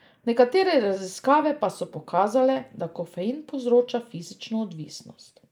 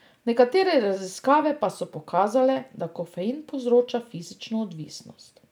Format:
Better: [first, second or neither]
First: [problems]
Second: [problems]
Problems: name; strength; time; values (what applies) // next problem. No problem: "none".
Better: second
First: noise reduction (neural mask model Resemble Enhance denoiser)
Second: none